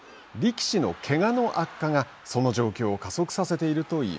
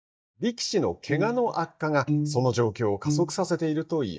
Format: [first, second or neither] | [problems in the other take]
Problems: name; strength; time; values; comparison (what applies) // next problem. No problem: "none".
first | noise reduction (neural mask model DeepFilterNet 3)